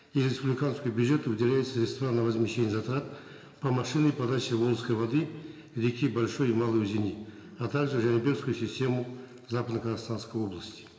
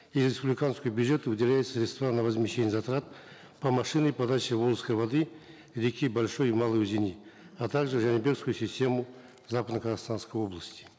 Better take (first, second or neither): second